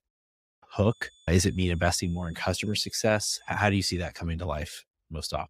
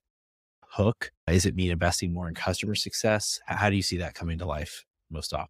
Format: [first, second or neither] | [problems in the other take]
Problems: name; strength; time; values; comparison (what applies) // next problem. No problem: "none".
second | high-pitched whine; faint; from 1 to 4 s; 3.5 kHz, 30 dB below the speech